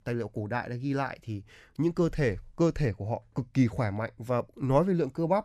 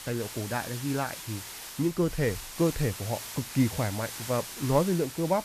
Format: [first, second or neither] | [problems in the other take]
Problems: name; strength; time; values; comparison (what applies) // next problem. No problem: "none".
first | hiss; loud; throughout; 8 dB below the speech